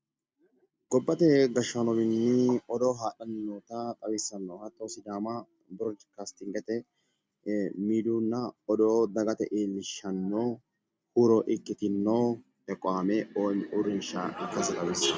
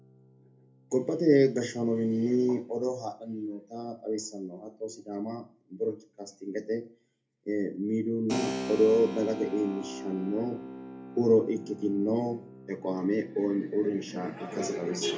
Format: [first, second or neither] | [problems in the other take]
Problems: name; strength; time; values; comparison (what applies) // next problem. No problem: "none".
first | background sound (Keyboard (musical)); 14 dB below the speech // room echo; dies away in 0.3 s